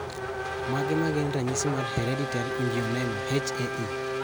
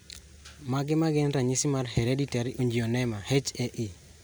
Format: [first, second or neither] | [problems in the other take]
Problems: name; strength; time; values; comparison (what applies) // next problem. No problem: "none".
second | background sound (Race car, auto racing / Accelerating, revving, vroom); 1 dB below the speech